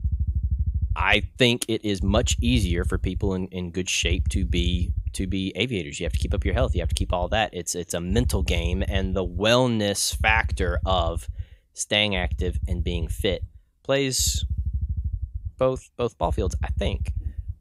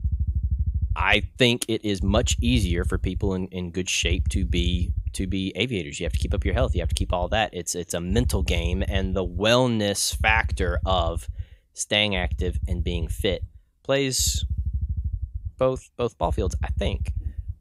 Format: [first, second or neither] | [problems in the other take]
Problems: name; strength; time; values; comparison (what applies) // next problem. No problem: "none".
neither | low rumble; faint; throughout; 20 dB below the speech; the same in both